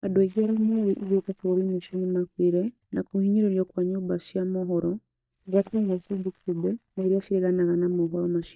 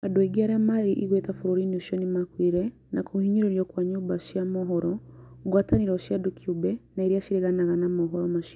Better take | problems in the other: second | noise reduction (neural mask model DeepFilterNet 3)

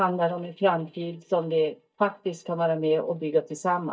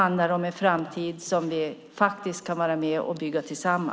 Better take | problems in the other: second | noise reduction (neural mask model DeepFilterNet 3)

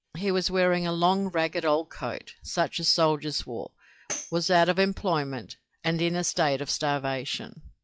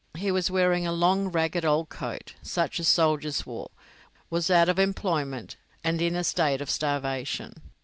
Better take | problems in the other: second | noise reduction (classical method log-MMSE)

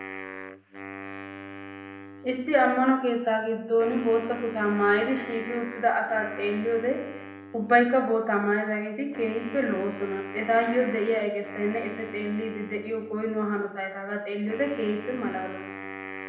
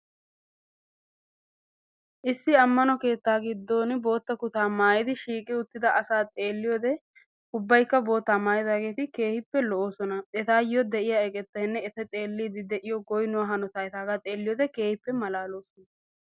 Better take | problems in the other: second | background sound (Wind instrument, woodwind instrument); 14 dB below the speech // room echo; dies away in 0.7 s

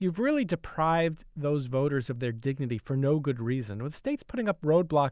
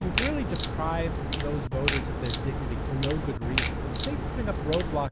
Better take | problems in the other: first | background sound (Crack); 3 dB above the speech

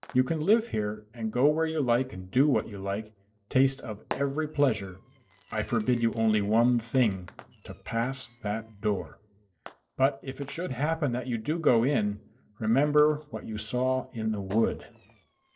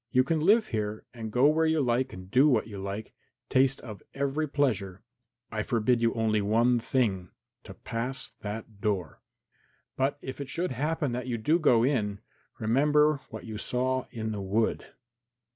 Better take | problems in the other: second | noise reduction (neural separator model SepFormer DNS4)

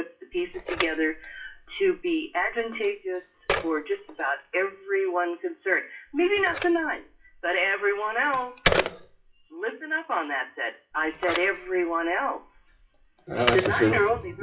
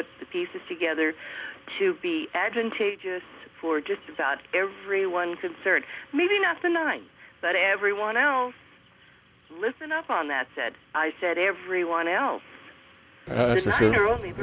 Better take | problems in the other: second | noise reduction (classical method WPE with log-MMSE)

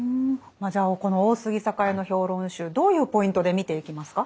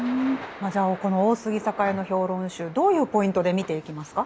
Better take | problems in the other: first | background sound (Thunder / Rain); 17 dB below the speech

